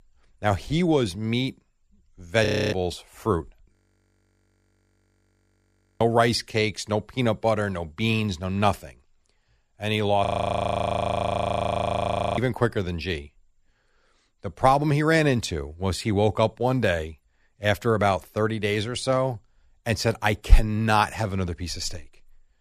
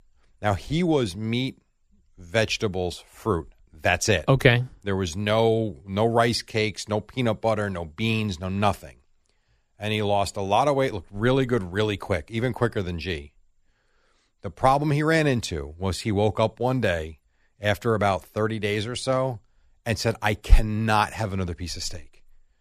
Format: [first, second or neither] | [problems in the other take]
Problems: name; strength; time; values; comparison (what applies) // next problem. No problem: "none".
second | audio freezing; at 2.5 s, at 3.5 s for 2.5 s and at 10 s for 2 s